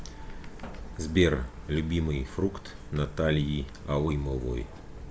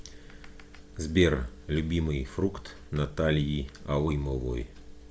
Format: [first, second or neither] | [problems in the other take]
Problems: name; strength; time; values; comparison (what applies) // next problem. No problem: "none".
second | background sound (Truck); 13 dB below the speech